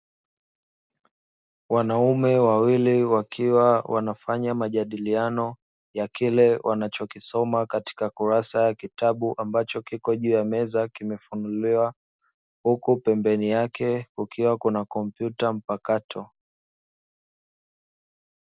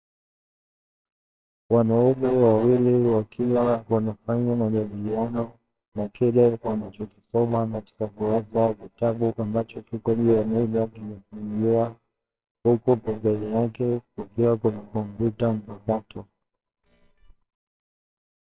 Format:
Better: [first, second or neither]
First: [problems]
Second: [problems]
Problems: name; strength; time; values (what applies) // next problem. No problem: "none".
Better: first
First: none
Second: noise reduction (neural separator model SepFormer WHAMR!)